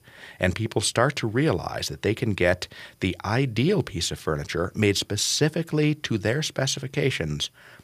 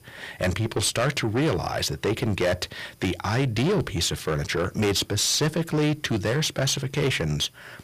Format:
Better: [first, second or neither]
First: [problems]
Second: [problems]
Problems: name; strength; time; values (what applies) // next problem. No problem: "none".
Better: first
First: none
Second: distortion; heavy; 7 dB below the speech